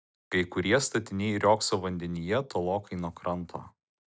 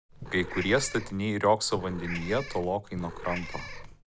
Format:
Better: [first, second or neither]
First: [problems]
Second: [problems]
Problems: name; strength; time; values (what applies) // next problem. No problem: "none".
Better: first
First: none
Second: background sound (Meow / Purr); 10 dB below the speech